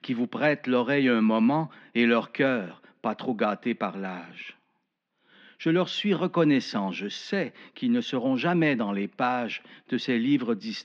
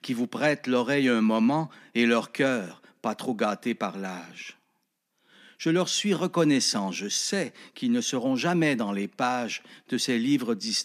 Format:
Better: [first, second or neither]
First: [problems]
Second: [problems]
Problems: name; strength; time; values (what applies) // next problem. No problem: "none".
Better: second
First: muffled; slightly; fading above 3.5 kHz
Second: none